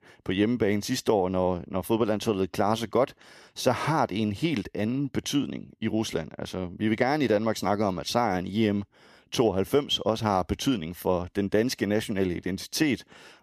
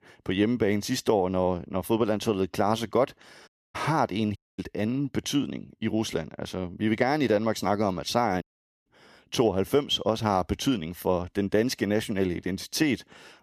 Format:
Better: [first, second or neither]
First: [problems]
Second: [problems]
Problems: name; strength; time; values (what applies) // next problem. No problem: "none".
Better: first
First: none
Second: audio cutting out; at 3.5 s, at 4.5 s and at 8.5 s